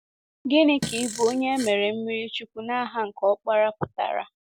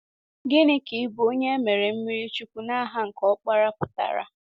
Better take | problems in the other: second | background sound (Fart); 11 dB below the speech

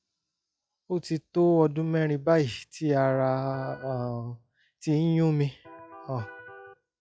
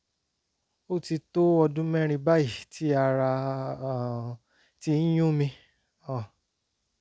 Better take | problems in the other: second | noise reduction (classical method log-MMSE)

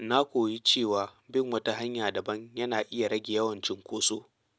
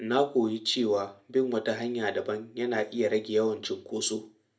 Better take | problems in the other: first | room echo; dies away in 0.3 s

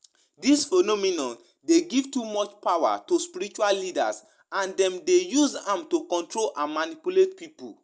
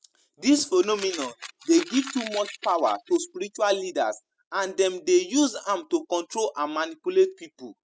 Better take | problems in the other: first | noise reduction (classical method spectral subtraction)

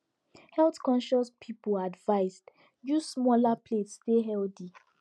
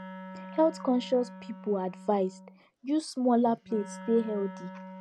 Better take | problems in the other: first | background sound (Wind instrument, woodwind instrument); 15 dB below the speech

